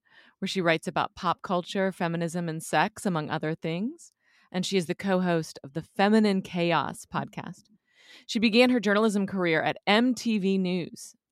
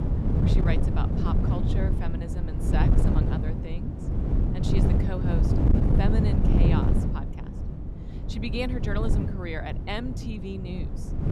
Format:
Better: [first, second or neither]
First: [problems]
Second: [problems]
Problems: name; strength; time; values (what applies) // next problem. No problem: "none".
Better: first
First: none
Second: wind noise on the microphone; heavy; 1 dB above the speech